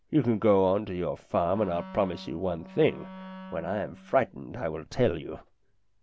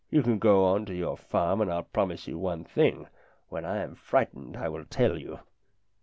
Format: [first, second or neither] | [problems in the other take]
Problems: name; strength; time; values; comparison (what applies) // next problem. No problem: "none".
second | background sound (Wind instrument, woodwind instrument); 16 dB below the speech